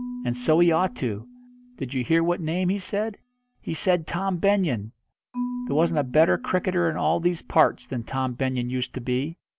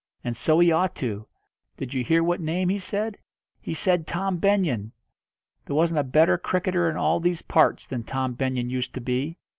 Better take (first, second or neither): second